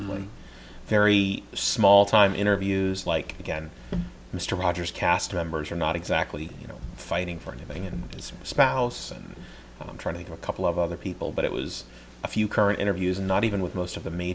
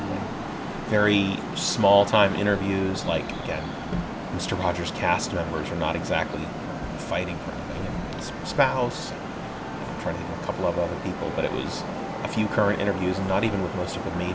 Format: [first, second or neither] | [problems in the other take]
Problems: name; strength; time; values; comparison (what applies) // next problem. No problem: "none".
first | background sound (Traffic noise, roadway noise); 6 dB below the speech